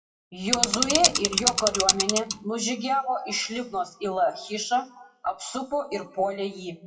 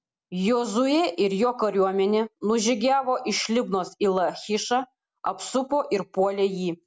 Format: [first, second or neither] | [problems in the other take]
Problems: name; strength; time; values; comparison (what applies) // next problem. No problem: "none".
second | noise reduction (classical method WPE with log-MMSE)